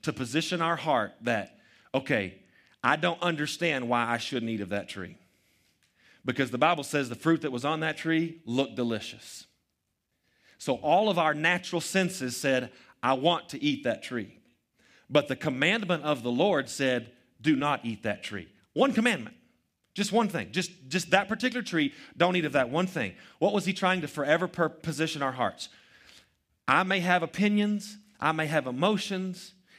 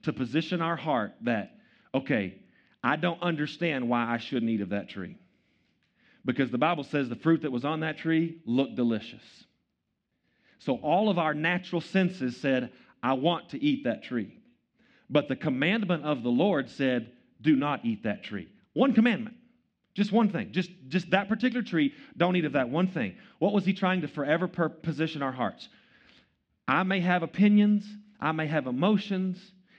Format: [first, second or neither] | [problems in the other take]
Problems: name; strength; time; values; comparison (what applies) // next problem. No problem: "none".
first | muffled; slightly; fading above 4 kHz